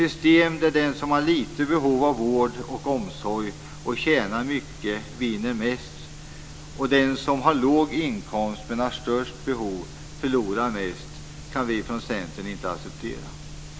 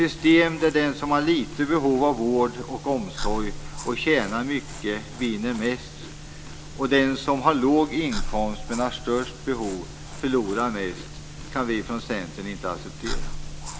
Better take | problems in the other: first | background sound (Chewing, mastication); 11 dB below the speech

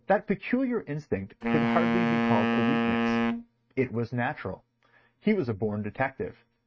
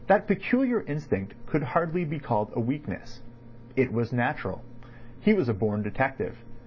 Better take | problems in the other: second | noise reduction (neural mask model RNNoise)

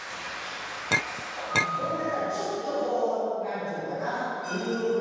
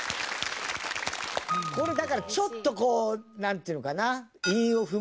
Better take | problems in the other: second | background sound (Chink, clink); as loud as the speech // room echo; dies away in 2.2 s

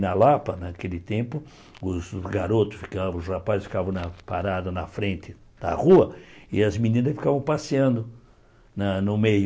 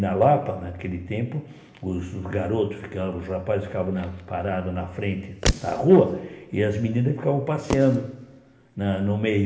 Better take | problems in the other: first | background sound (Fireworks); 8 dB below the speech // room echo; dies away in 1.1 s

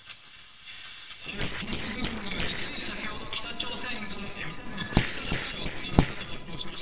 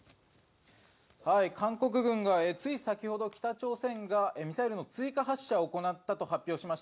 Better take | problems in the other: second | noise reduction (neural separator model SepFormer WHAMR!)

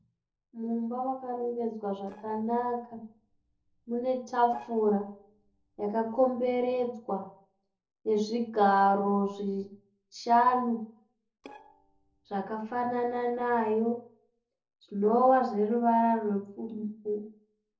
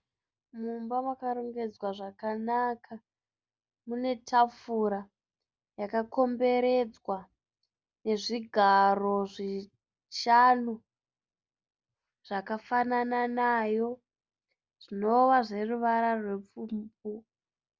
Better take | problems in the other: second | noise reduction (neural separator model SepFormer DNS4)

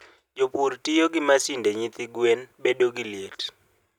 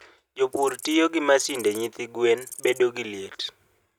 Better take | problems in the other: first | background sound (Insect); 19 dB below the speech

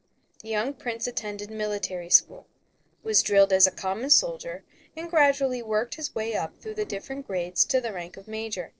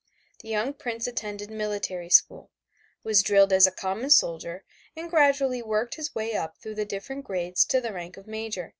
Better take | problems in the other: second | noise reduction (neural separator model SepFormer DNS4)

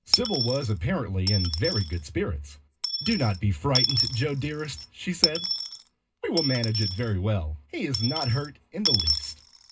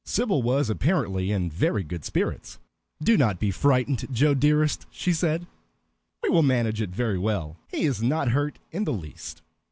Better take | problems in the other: second | background sound (Coin (dropping) / Dishes, pots, and pans); 3 dB below the speech // room echo; dies away in 0.2 s

